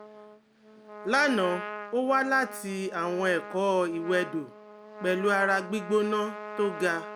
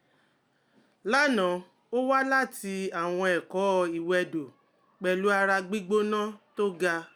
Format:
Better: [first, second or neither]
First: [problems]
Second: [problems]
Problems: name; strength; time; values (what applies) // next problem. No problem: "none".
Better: second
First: background sound (Trumpet); 13 dB below the speech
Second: none